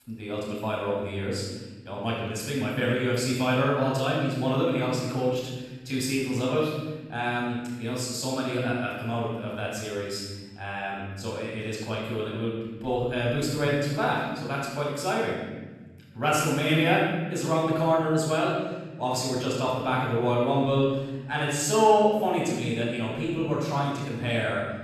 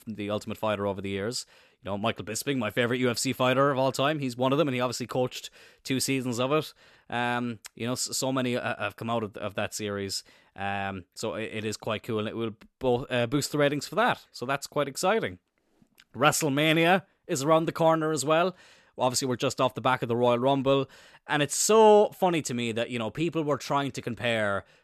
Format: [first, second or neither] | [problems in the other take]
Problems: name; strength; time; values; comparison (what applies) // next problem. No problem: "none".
second | off-mic speech; far // room echo; strong; dies away in 1.5 s